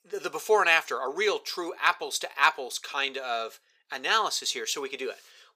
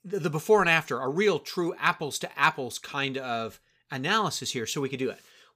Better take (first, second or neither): second